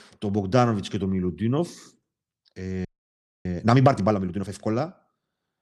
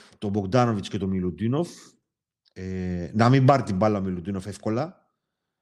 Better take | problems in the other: second | audio freezing; at 3 s for 0.5 s

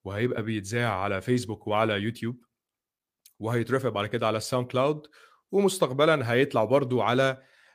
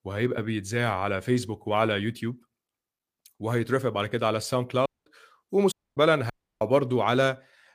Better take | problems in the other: first | audio cutting out; at 5 s, at 5.5 s and at 6.5 s

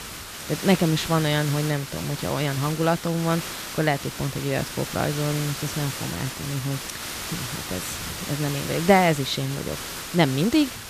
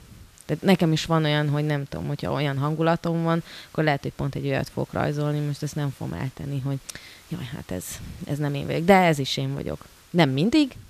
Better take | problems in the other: second | hiss; loud; throughout; 7 dB below the speech; faint in the second

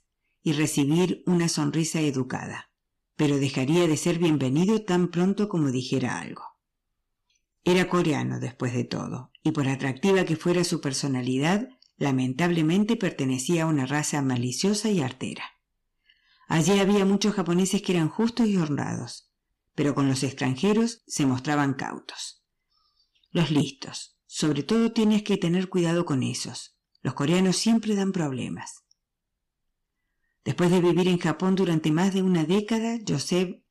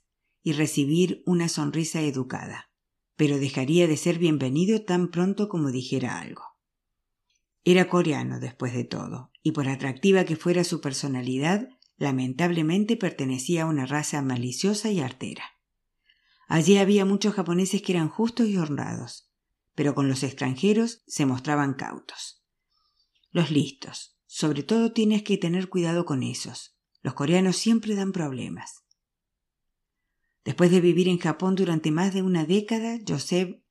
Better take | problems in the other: second | distortion; slight; 6% of the sound clipped

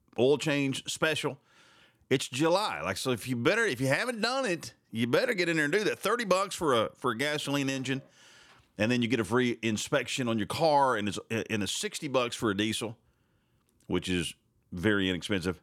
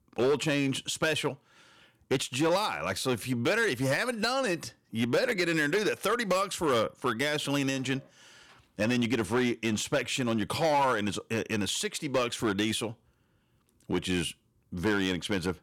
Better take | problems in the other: first | distortion; slight; 5% of the sound clipped

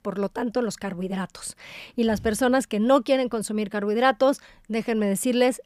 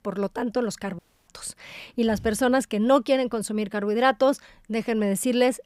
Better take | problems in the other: first | audio cutting out; at 1 s

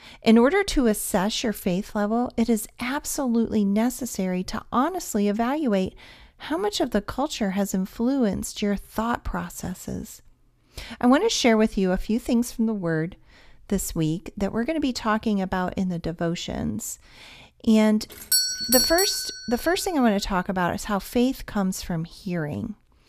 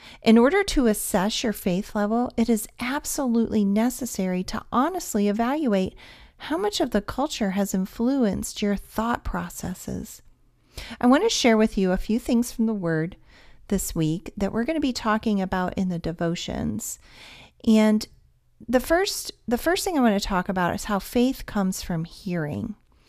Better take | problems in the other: second | doorbell; loud; from 18 to 19 s; peak 5 dB above the speech

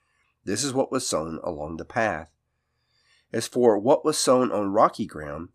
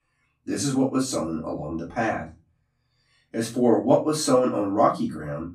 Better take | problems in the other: first | off-mic speech; far // room echo; slight; dies away in 0.3 s

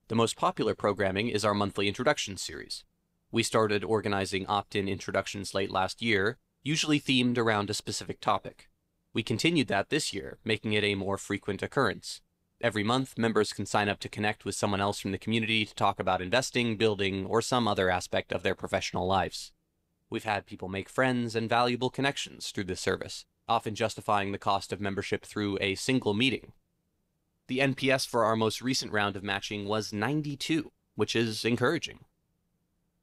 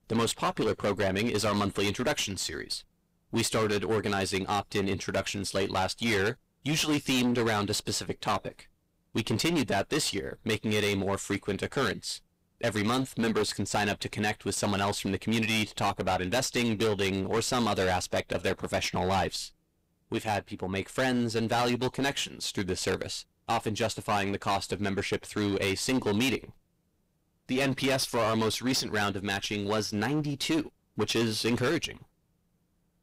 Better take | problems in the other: first | distortion; heavy; 15% of the sound clipped

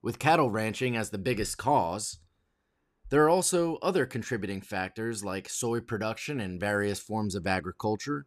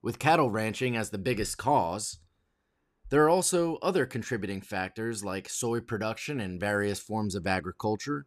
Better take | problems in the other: neither | none

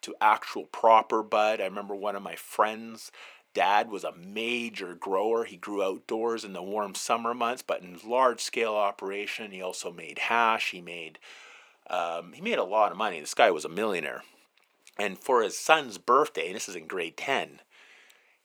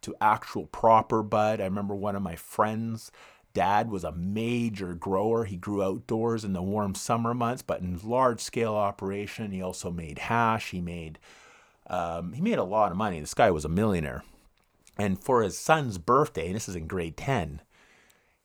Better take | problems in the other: second | thin; somewhat; fading below 300 Hz

